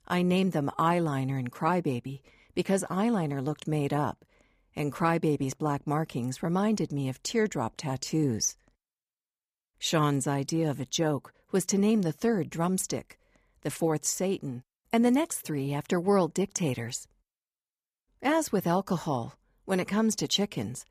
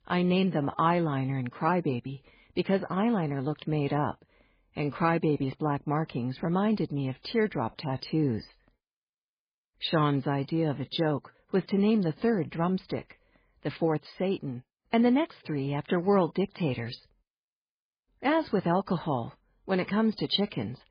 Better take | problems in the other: first | garbled, watery; badly; nothing above 4.5 kHz

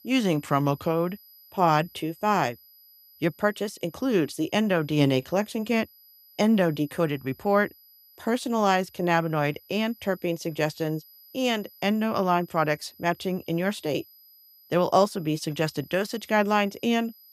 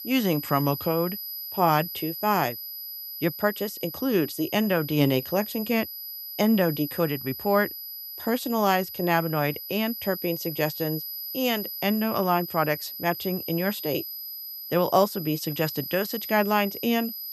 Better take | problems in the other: first | high-pitched whine; loud; throughout; 12 kHz, 8 dB below the speech; faint in the first

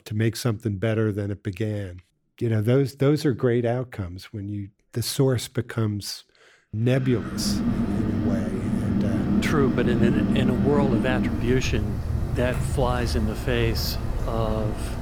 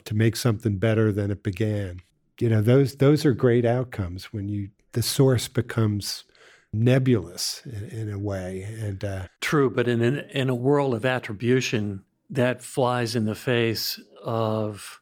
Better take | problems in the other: second | wind in the background; very loud; from 7.5 s on; as loud as the speech

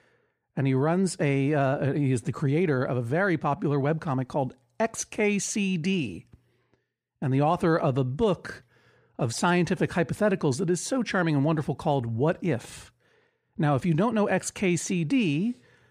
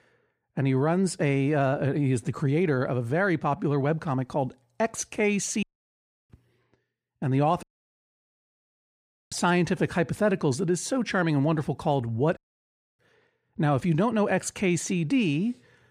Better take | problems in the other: first | audio cutting out; at 5.5 s for 0.5 s, at 7.5 s for 1.5 s and at 12 s for 0.5 s

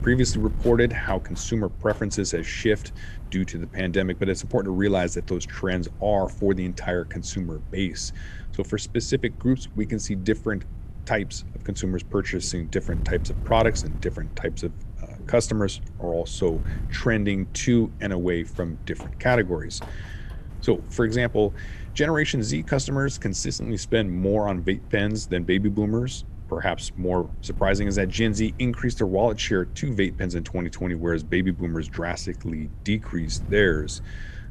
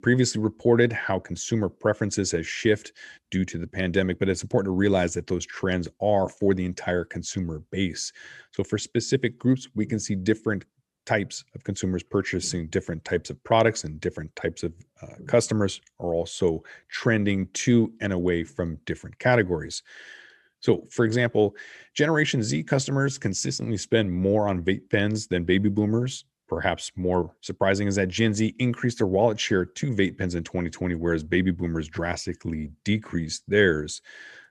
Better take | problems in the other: second | wind noise on the microphone; occasional gusts; 20 dB below the speech

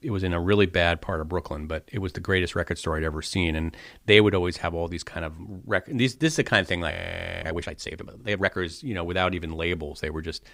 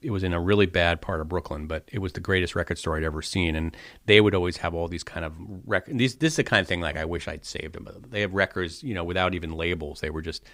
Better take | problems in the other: second | audio freezing; at 7 s for 0.5 s

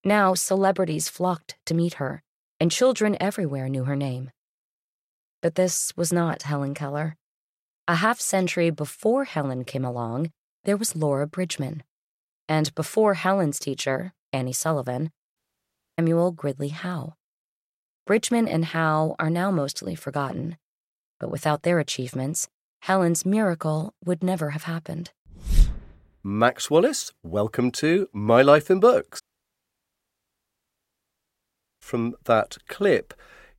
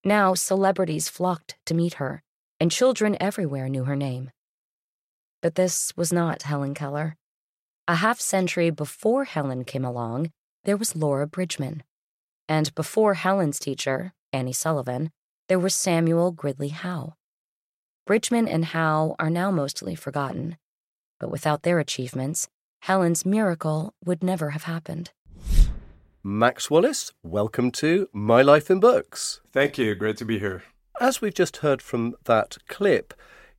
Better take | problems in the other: second | audio cutting out; at 15 s for 0.5 s and at 29 s for 2.5 s

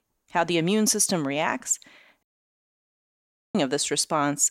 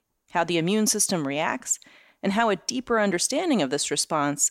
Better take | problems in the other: second | audio cutting out; at 2 s for 1.5 s

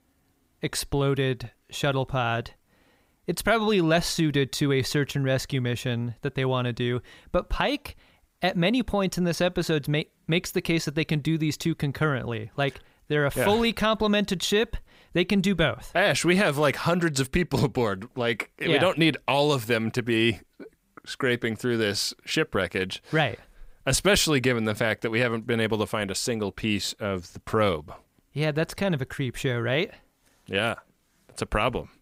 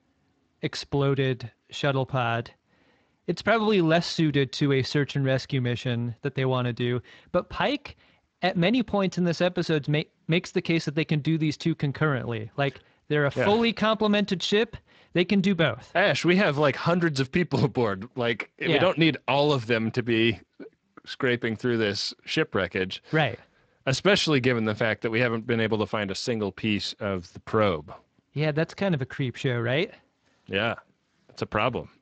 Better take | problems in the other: first | garbled, watery; slightly; nothing above 8 kHz

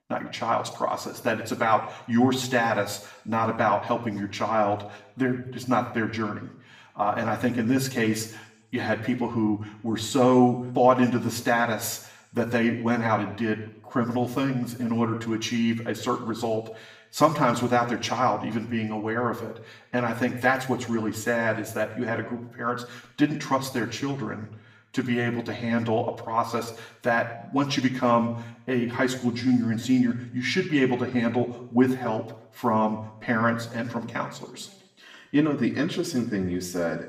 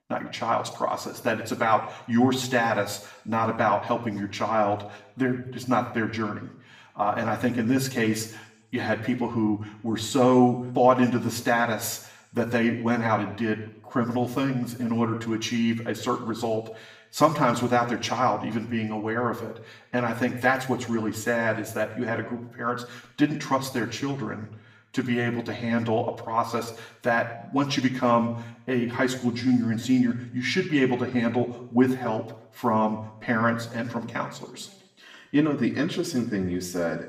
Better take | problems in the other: neither | room echo; slight; dies away in 0.6 s; the same in both // off-mic speech; somewhat distant; the same in both

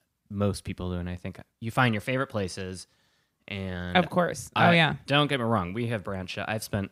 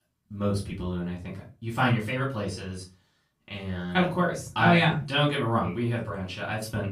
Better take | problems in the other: first | off-mic speech; far // room echo; slight; dies away in 0.3 s

